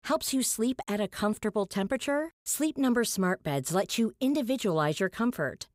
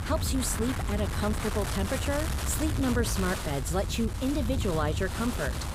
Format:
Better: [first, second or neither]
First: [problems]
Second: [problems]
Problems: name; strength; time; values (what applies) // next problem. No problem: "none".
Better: first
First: none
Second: wind noise on the microphone; heavy; 4 dB below the speech